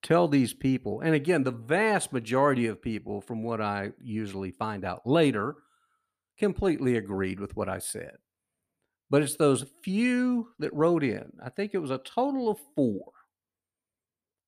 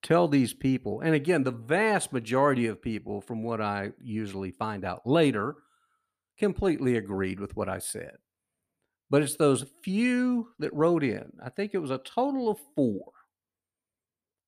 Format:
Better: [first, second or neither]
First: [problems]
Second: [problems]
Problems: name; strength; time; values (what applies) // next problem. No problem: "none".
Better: neither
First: none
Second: none